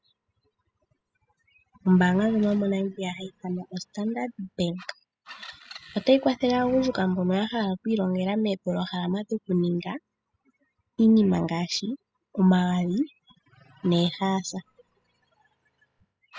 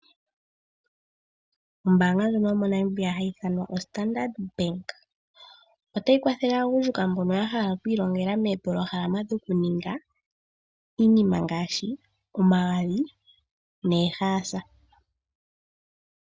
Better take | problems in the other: second | noise reduction (classical method spectral subtraction)

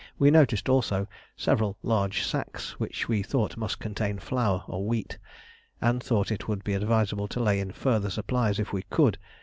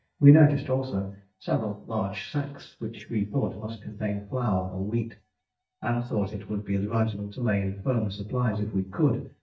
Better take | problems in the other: first | noise reduction (neural mask model DeepFilterNet 3)

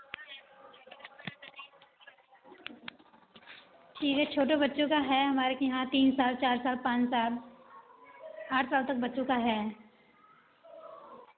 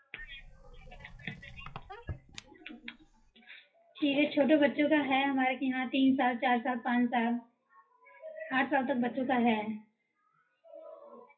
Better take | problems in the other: first | noise reduction (classical method WPE with log-MMSE)

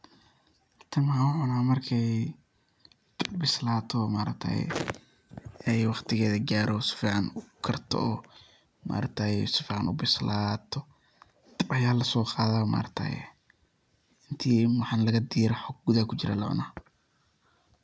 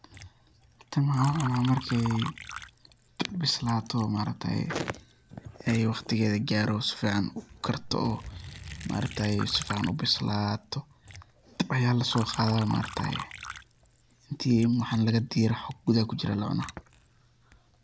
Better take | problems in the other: first | background sound (Liquid); 15 dB below the speech

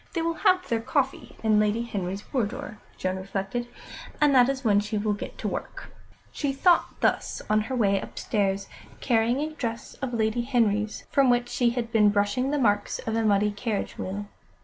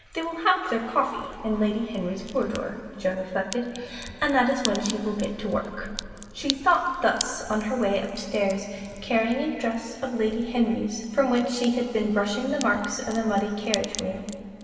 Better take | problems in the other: first | background sound (Crack); 15 dB below the speech // room echo; dies away in 2.7 s

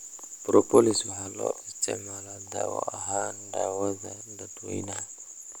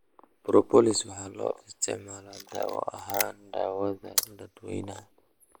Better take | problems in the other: first | noise reduction (neural mask model Resemble Enhance denoiser)

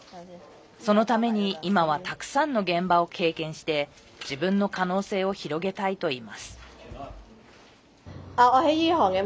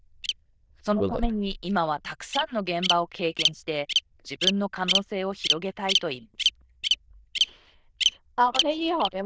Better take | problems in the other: first | noise reduction (neural diffusion model UNIVERSE++)

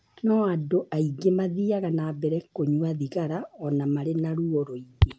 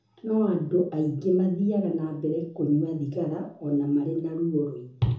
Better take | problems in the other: first | room echo; dies away in 0.8 s

